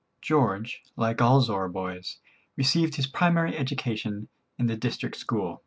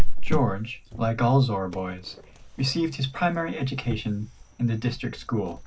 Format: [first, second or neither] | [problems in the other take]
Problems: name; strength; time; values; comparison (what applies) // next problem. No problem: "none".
first | background sound (Cricket); 2 dB above the speech // room echo; dies away in 0.4 s